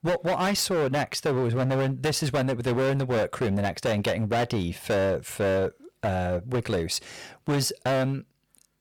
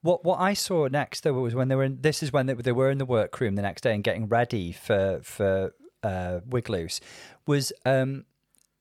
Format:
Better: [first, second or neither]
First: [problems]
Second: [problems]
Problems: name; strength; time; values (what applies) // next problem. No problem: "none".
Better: second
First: distortion; heavy; 21% of the sound clipped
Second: none